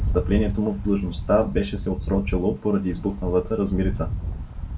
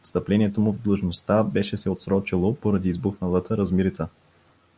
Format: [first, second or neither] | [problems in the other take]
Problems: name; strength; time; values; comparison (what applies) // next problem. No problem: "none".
second | background sound (Rattle); 4 dB below the speech // room echo; dies away in 0.2 s